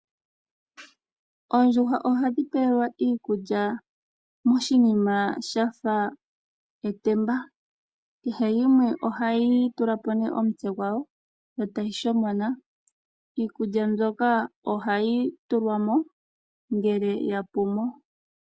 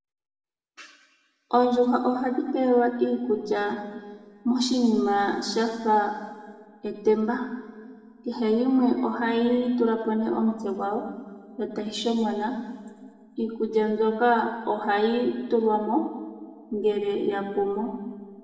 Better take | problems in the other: first | room echo; dies away in 1.4 s

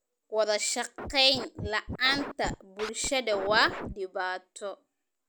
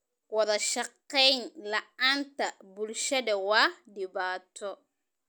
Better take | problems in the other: second | background sound (Scratching (performance technique)); 9 dB below the speech

